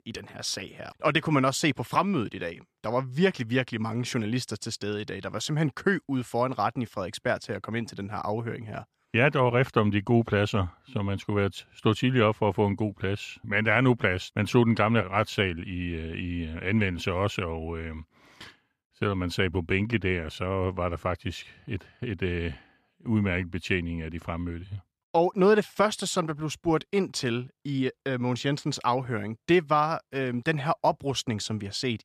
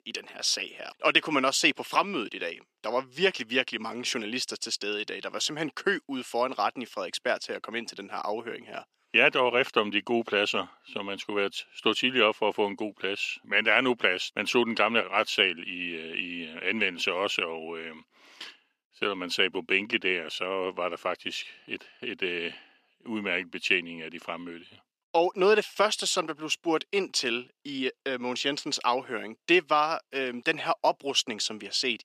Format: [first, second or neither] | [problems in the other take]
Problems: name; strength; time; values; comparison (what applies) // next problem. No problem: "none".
first | thin; somewhat; fading below 300 Hz